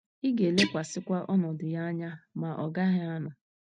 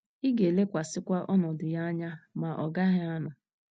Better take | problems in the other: second | noise reduction (neural mask model RNNoise)

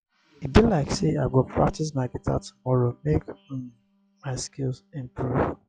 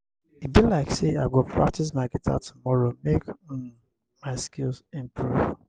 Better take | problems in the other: second | noise reduction (classical method log-MMSE)

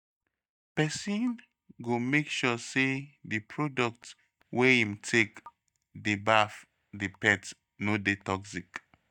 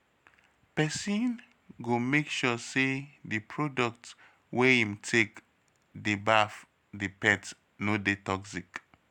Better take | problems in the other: second | noise reduction (neural mask model DeepFilterNet 3)

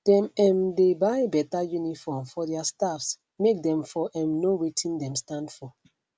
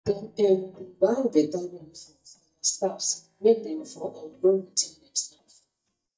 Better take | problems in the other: first | noise reduction (neural mask model DeepFilterNet 3)

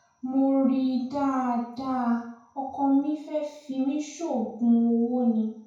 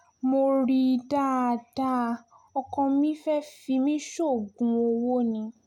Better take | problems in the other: second | room echo; dies away in 0.5 s

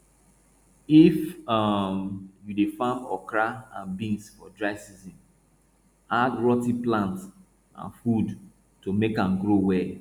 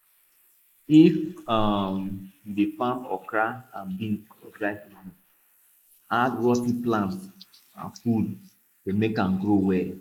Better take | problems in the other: first | noise reduction (neural mask model Resemble Enhance denoiser)

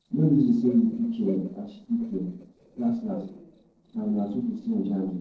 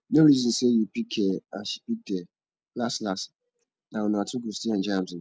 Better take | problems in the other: second | noise reduction (neural separator model SepFormer DNS4)

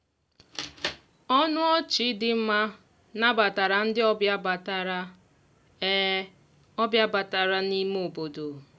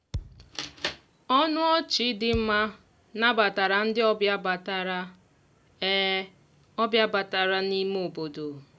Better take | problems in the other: first | background sound (Thump, thud); 13 dB below the speech

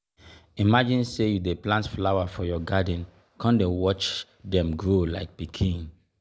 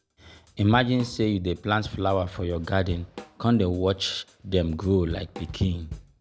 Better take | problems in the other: first | background sound (Drum / Drum kit); 19 dB below the speech

